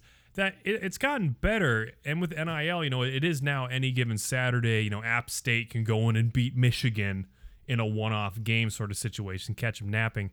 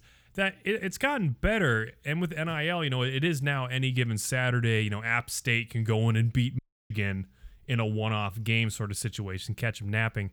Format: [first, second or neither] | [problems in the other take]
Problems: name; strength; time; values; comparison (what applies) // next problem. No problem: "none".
first | audio cutting out; at 6.5 s